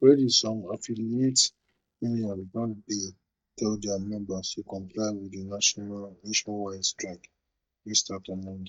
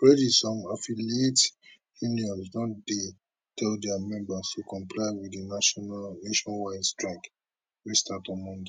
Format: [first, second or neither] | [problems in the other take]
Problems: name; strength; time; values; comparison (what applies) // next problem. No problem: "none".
second | noise reduction (neural mask model DeepFilterNet 3)